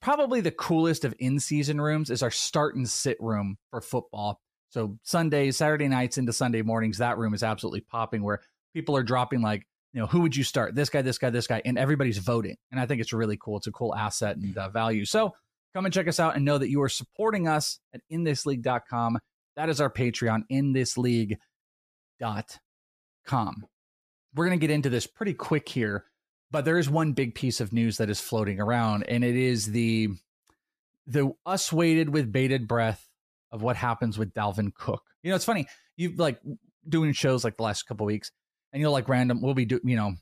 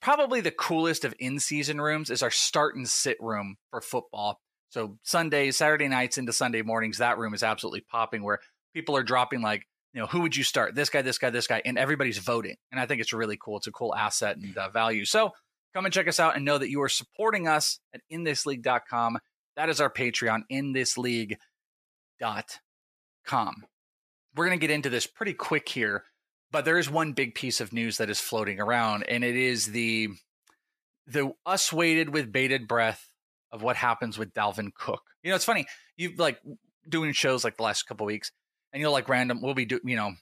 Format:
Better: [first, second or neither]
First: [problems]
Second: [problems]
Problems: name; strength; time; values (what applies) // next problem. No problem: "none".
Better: first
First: none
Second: thin; somewhat; fading below 600 Hz